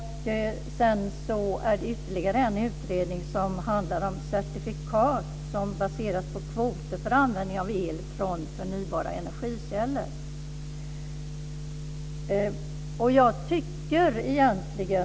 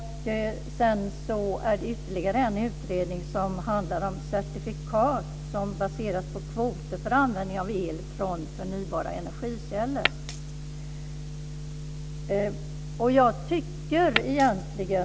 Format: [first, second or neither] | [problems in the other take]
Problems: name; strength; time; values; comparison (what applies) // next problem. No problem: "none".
first | background sound (Glass); 5 dB below the speech